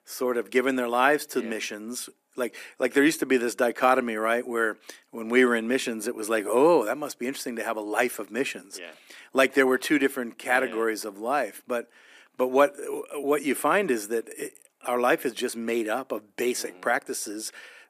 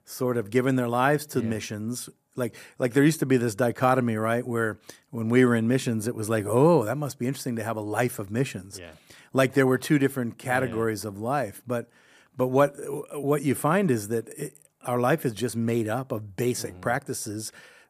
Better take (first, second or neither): second